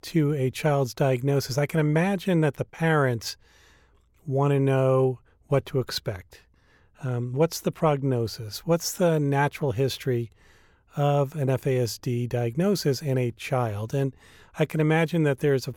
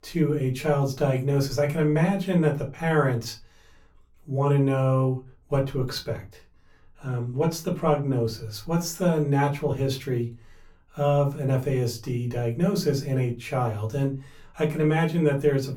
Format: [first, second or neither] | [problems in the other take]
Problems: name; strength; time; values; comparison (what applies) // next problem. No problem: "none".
first | off-mic speech; far // room echo; very slight; dies away in 0.2 s